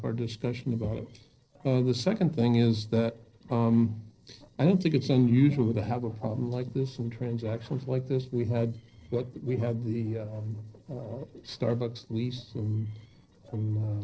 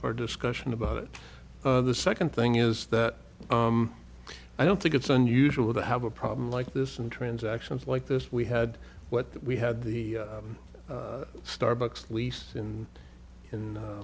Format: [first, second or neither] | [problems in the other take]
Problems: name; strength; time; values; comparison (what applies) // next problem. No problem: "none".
second | noise reduction (neural separator model SepFormer DNS4)